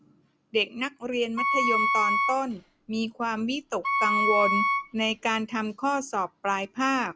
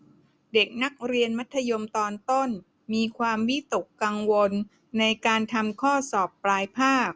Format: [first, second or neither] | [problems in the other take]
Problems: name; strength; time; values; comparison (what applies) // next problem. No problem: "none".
second | background sound (Wind instrument, woodwind instrument); 2 dB above the speech